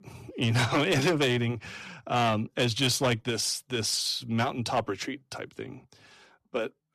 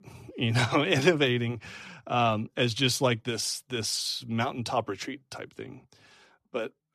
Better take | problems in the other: second | distortion; slight; 5% of the sound clipped

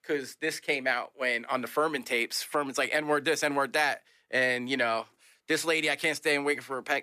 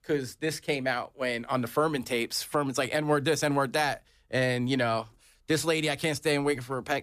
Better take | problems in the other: second | thin; very slightly; fading below 300 Hz

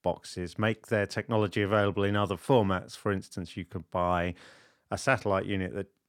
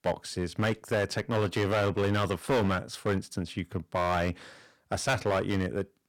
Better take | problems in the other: first | distortion; heavy; 8% of the sound clipped

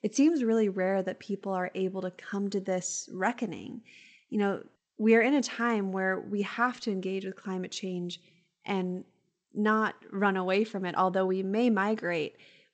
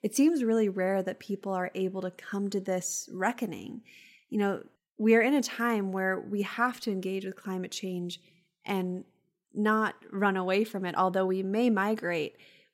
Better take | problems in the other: second | garbled, watery; slightly; nothing above 7.5 kHz

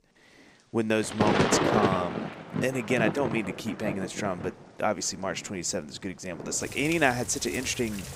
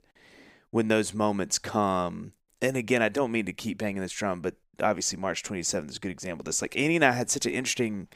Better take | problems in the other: second | rain or running water; loud; throughout; 2 dB below the speech

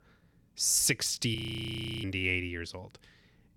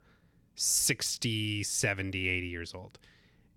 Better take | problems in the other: second | audio freezing; at 1.5 s for 0.5 s

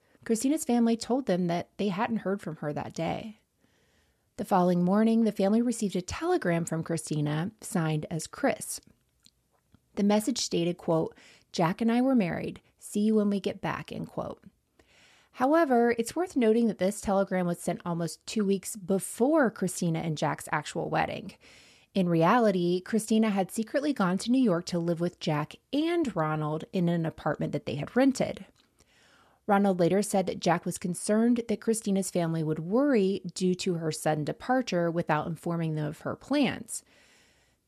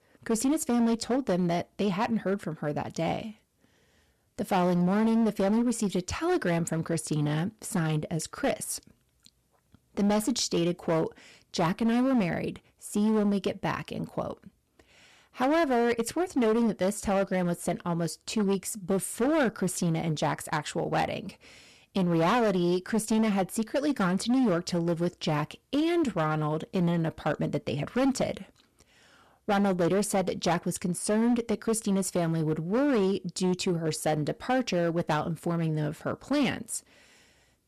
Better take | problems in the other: first | distortion; slight; 10% of the sound clipped

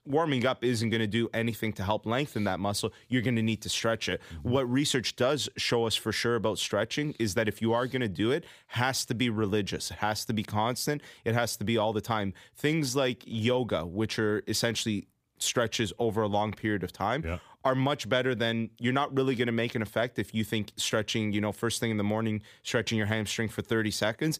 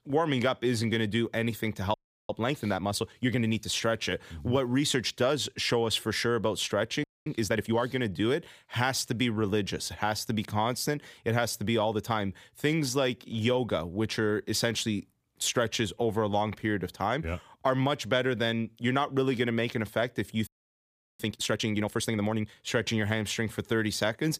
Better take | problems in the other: first | audio freezing; at 2 s, at 7 s and at 20 s for 0.5 s

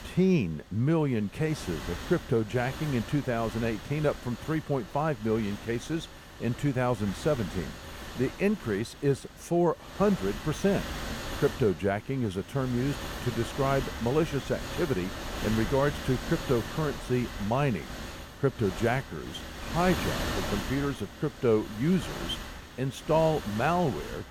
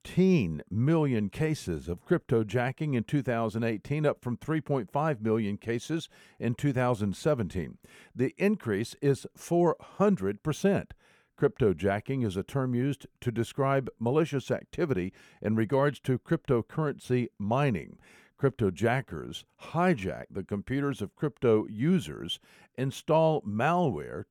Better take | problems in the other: second | wind noise on the microphone; heavy; 8 dB below the speech

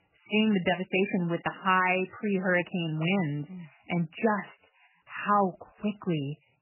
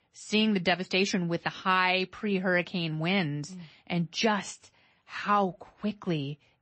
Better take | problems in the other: second | garbled, watery; badly; nothing above 3 kHz; slightly in the second

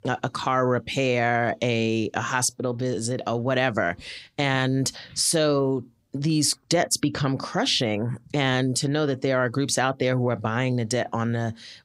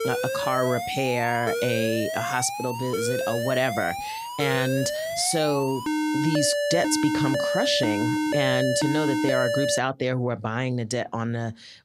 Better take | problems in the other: first | alarm; loud; until 10 s; peak 2 dB above the speech

